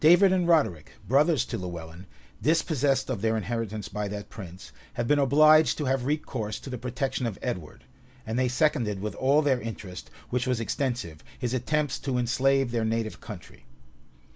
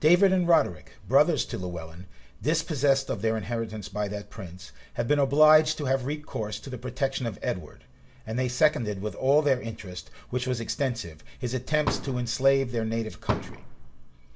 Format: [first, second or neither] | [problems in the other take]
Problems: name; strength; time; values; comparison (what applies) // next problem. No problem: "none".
first | background sound (Fireworks); 8 dB below the speech // room echo; dies away in 0.3 s